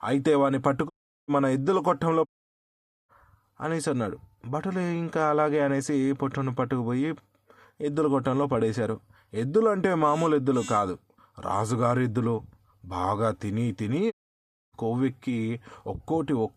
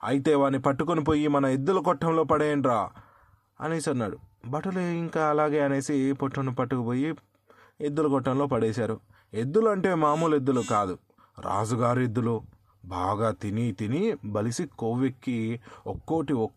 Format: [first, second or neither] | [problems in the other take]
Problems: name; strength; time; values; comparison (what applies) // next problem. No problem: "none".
second | audio cutting out; at 1 s, at 2.5 s for 1 s and at 14 s for 0.5 s